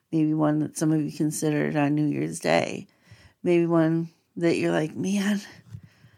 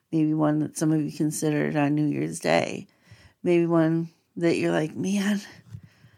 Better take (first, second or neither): neither